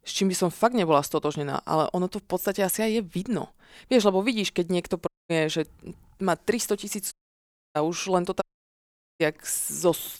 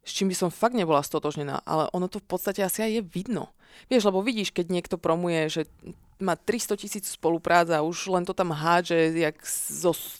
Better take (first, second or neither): second